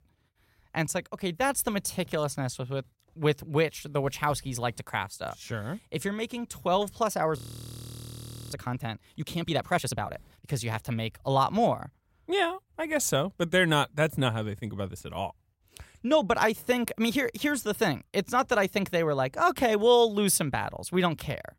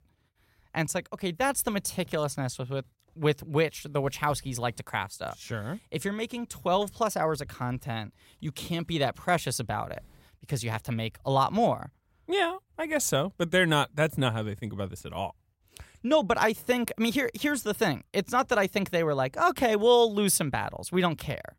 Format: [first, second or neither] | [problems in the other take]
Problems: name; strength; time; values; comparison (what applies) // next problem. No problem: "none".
second | audio freezing; at 7.5 s for 1 s